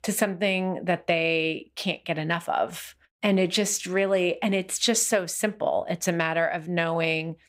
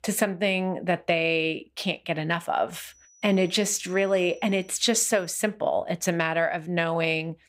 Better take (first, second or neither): first